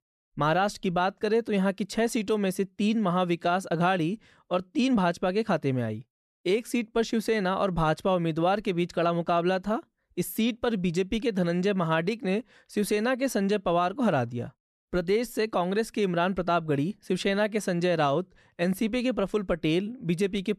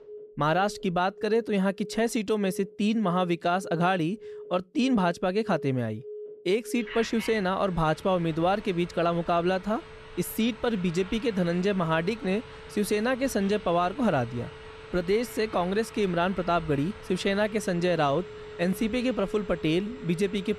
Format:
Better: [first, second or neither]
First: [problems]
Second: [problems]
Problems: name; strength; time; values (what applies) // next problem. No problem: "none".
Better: first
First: none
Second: alarms or sirens; noticeable; throughout; 15 dB below the speech